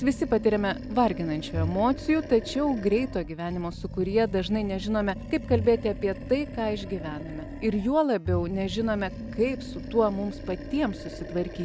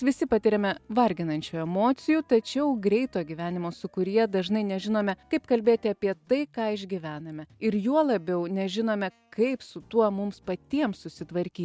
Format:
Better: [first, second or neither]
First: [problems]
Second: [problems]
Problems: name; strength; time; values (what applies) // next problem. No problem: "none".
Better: second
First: background sound (Bowed string instrument + Animal); 9 dB below the speech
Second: none